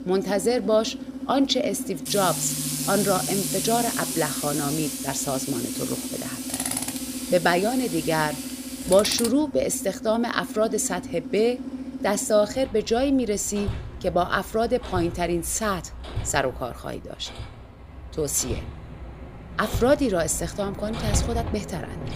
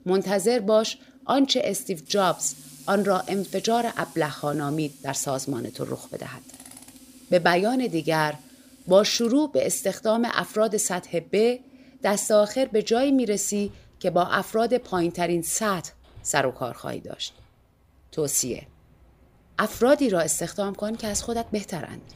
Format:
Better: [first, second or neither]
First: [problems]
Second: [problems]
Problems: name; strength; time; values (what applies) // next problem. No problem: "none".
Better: second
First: machinery noise; loud; throughout; 6 dB below the speech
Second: machinery noise; faint; throughout; 25 dB below the speech